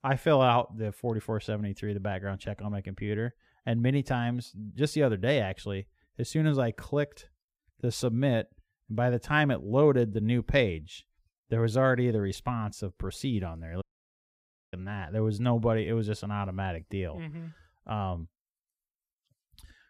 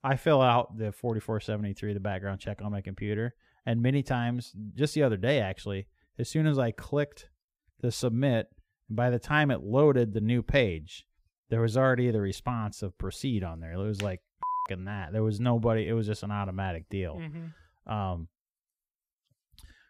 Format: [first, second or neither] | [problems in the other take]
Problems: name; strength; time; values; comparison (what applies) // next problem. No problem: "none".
second | audio cutting out; at 14 s for 1 s